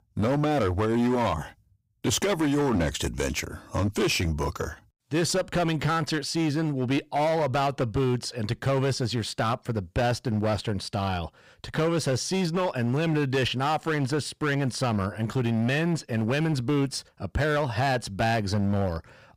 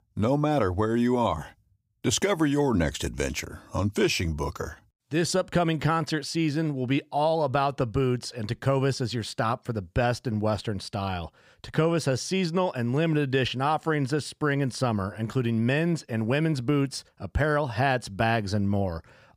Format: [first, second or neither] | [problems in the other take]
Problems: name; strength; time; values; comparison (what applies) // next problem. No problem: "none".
second | distortion; slight; 15% of the sound clipped